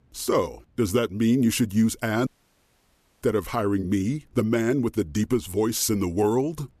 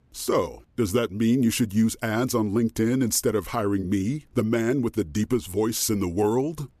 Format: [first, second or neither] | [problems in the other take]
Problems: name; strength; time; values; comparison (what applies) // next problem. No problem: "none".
second | audio cutting out; at 2.5 s for 1 s